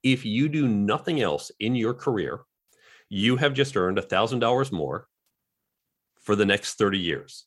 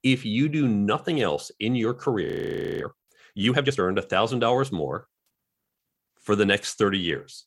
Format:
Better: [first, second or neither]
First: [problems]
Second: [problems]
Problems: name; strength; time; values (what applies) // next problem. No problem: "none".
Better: first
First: none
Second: audio freezing; at 2.5 s for 0.5 s